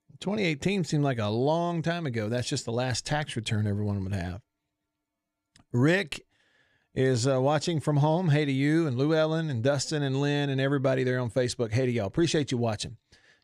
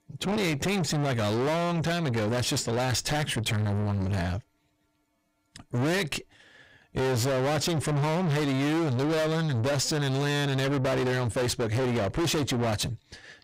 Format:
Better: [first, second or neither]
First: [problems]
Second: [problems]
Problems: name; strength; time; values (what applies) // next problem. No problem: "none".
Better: first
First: none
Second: distortion; heavy; 5 dB below the speech